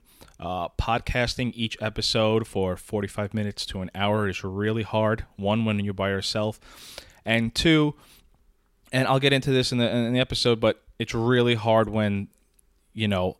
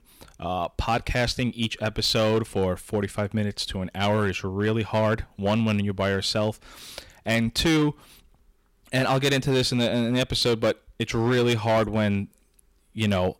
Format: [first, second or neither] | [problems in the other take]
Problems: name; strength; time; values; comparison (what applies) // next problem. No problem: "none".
first | distortion; slight; 7% of the sound clipped